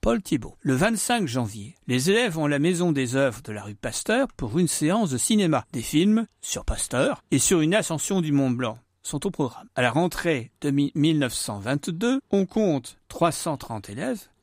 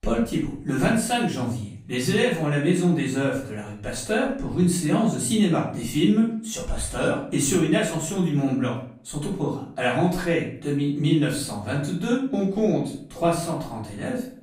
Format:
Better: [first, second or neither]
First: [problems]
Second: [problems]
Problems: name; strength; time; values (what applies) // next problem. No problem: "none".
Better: first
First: none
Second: off-mic speech; far // room echo; noticeable; dies away in 0.5 s